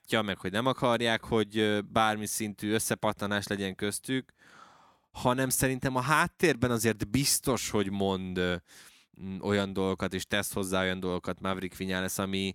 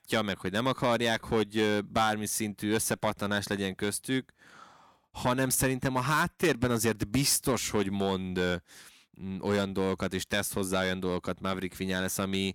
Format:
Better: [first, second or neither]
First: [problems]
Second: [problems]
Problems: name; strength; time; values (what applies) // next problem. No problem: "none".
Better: first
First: none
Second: distortion; slight; 3% of the sound clipped